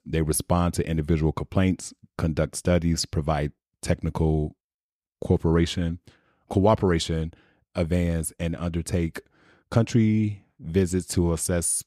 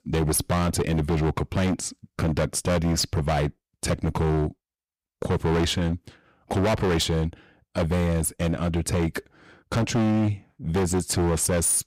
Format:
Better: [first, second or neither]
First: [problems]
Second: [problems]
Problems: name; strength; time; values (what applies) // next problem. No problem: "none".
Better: first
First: none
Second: distortion; heavy; 22% of the sound clipped